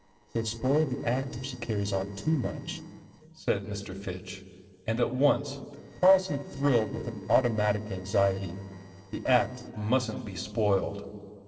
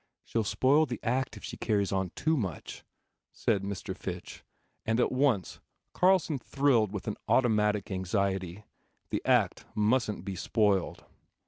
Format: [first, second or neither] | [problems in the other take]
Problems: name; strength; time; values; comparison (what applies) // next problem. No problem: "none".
second | noise reduction (neural separator model SepFormer DNS4)